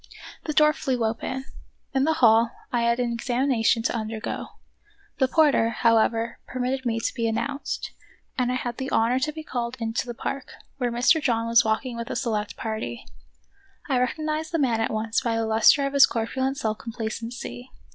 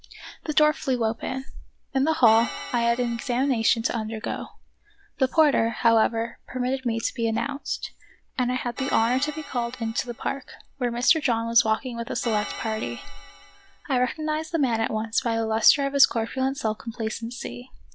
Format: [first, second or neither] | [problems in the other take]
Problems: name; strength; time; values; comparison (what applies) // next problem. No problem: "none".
first | background sound (Organ); 14 dB below the speech